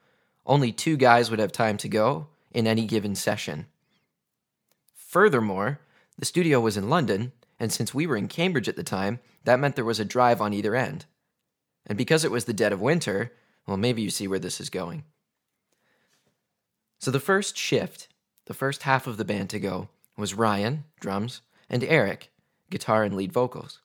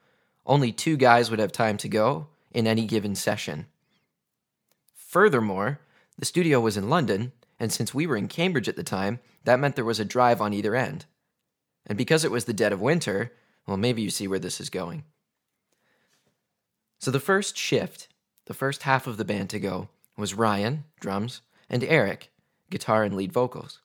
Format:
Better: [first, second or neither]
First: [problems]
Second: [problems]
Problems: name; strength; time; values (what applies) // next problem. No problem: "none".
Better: neither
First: none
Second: none